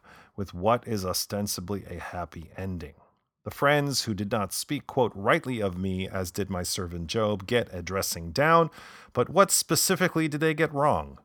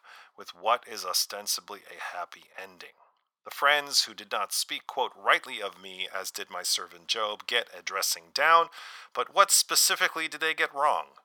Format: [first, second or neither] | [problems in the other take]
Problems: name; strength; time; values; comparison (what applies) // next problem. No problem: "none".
first | thin; very; fading below 900 Hz